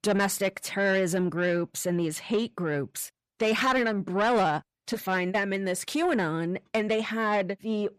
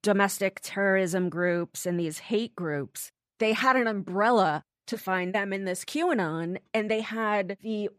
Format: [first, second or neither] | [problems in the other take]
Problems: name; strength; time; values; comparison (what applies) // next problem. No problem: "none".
second | distortion; slight; 10 dB below the speech